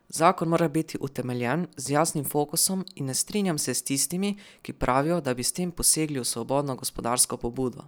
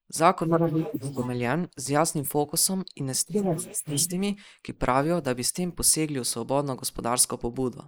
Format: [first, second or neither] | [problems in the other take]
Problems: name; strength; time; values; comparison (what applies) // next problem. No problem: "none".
first | noise reduction (neural mask model Resemble Enhance denoiser)